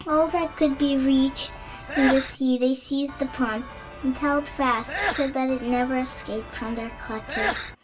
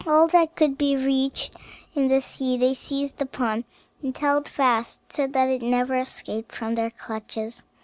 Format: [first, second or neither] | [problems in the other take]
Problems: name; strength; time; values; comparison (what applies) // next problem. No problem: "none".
second | background sound (Sneeze / Church bell); 8 dB below the speech // room echo; dies away in 0.2 s